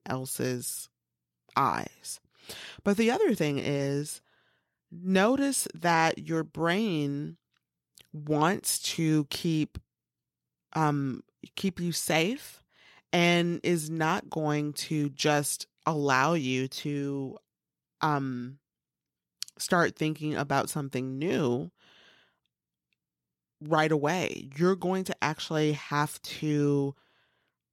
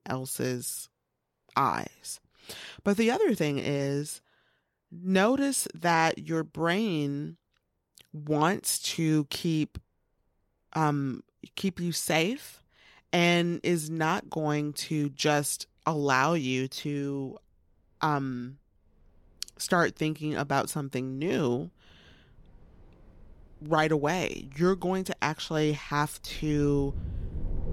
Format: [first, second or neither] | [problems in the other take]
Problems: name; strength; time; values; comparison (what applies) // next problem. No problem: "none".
first | wind in the background; noticeable; throughout; 15 dB below the speech